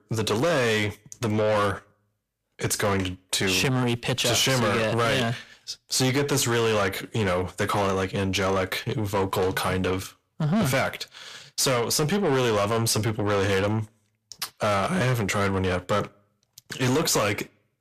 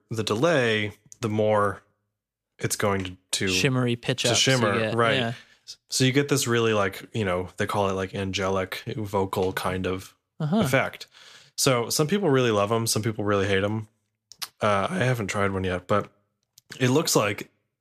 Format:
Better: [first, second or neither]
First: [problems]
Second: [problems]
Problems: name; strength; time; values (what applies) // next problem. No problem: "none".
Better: second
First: distortion; heavy; 7 dB below the speech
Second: none